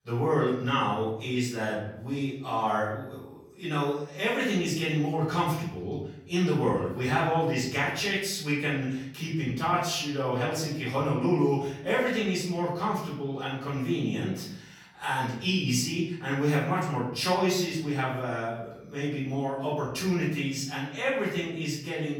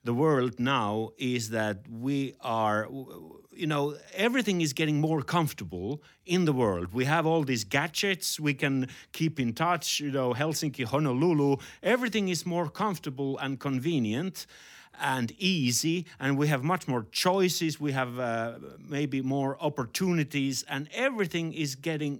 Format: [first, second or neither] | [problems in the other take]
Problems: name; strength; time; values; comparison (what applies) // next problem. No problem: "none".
second | room echo; noticeable; dies away in 0.7 s // off-mic speech; far